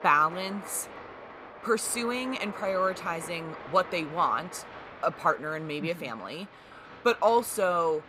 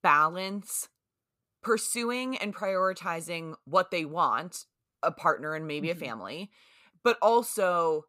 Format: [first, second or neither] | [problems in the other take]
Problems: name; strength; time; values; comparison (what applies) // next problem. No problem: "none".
second | crowd noise; noticeable; throughout; 15 dB below the speech